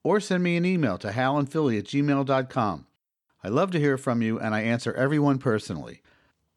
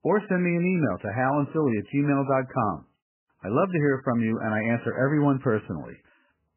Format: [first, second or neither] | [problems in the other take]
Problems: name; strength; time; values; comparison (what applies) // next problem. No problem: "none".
first | garbled, watery; badly; nothing above 2.5 kHz